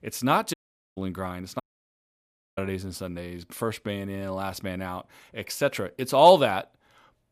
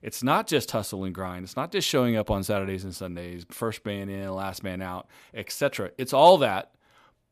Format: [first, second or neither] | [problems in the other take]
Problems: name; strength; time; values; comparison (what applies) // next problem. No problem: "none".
second | audio cutting out; at 0.5 s and at 1.5 s for 1 s